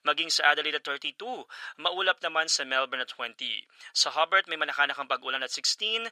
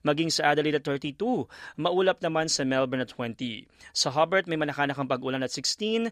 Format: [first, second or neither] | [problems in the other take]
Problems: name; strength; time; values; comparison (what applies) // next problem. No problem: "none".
second | thin; very; fading below 700 Hz